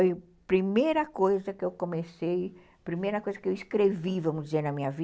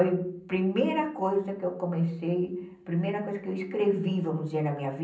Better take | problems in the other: first | room echo; dies away in 0.6 s

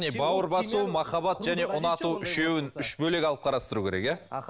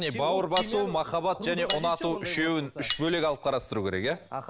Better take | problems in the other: first | background sound (Cutlery, silverware); 8 dB below the speech

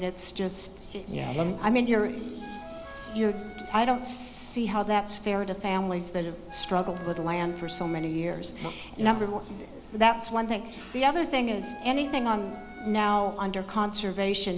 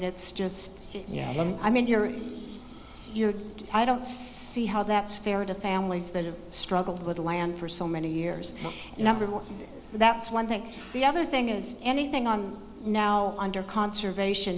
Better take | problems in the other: second | background sound (Wind instrument, woodwind instrument); 15 dB below the speech

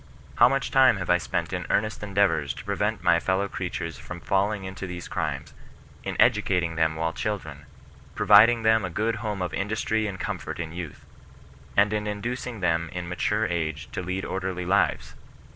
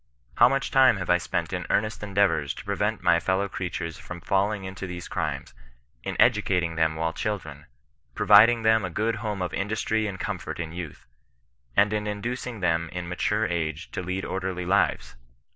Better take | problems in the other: second | background sound (Idling / Car); 20 dB below the speech

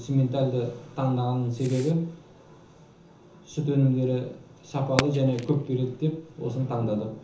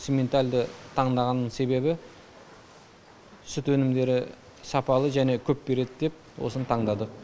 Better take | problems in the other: second | background sound (Fireworks); 15 dB below the speech // room echo; dies away in 0.7 s

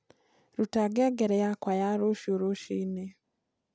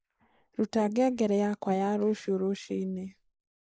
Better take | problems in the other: first | noise reduction (neural mask model Resemble Enhance denoiser)

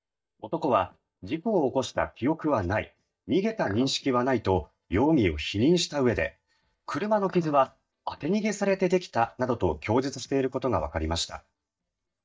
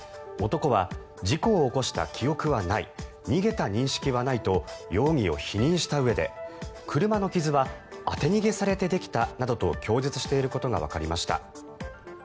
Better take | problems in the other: second | noise reduction (neural mask model DeepFilterNet 3)

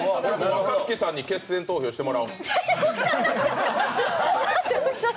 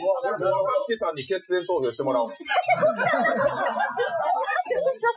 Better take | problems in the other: first | noise reduction (classical method Wiener filter)

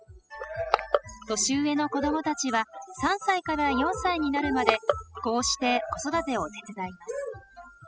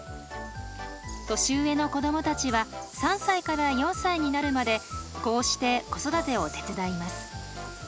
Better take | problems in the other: second | noise reduction (classical method spectral subtraction)

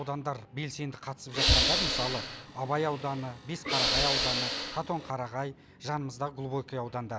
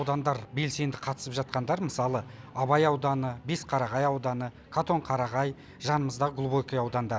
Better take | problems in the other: second | background sound (Hiss / Breathing); 5 dB above the speech

